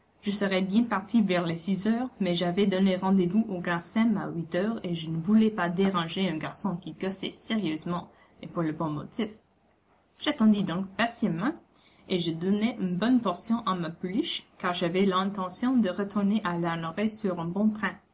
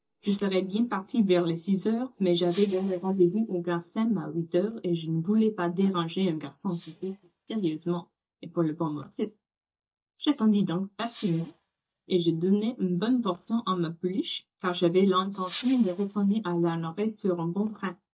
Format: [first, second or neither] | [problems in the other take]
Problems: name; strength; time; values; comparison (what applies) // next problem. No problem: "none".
first | noise reduction (neural mask model DeepFilterNet 3)